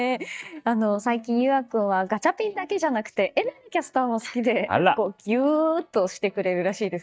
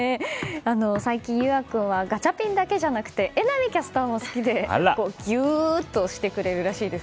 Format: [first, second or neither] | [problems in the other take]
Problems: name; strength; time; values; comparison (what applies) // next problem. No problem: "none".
second | noise reduction (neural mask model DeepFilterNet 3)